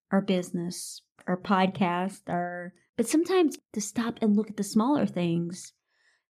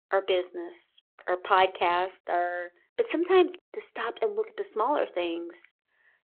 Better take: first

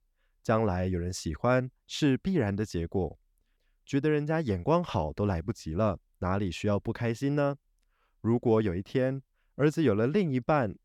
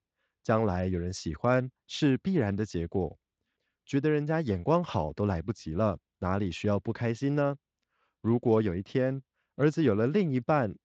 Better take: first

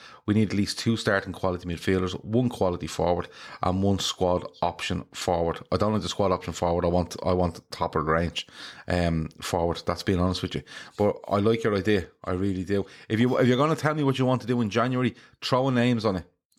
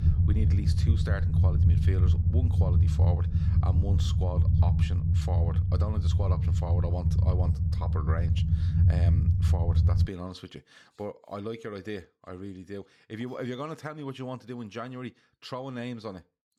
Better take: first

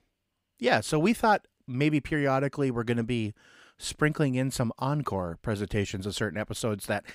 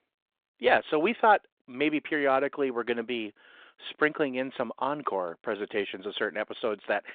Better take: first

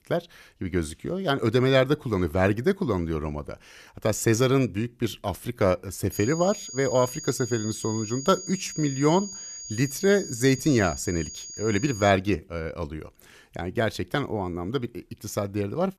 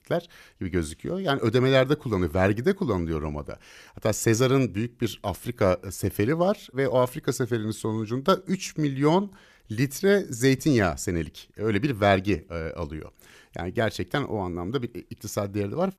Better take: second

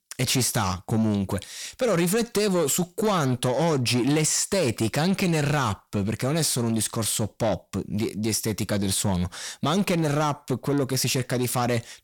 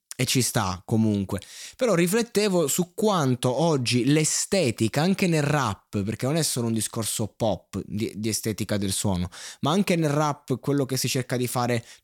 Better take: second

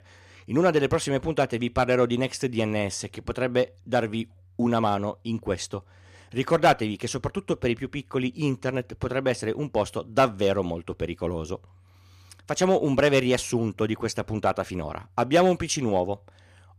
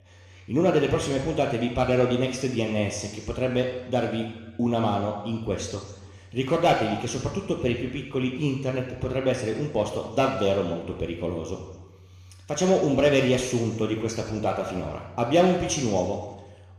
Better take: first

